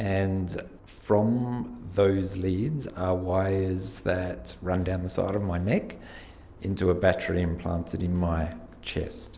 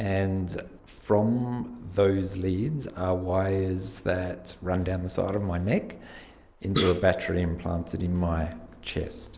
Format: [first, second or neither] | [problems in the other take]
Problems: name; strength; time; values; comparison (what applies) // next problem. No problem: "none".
first | noise reduction (neural mask model Resemble Enhance denoiser)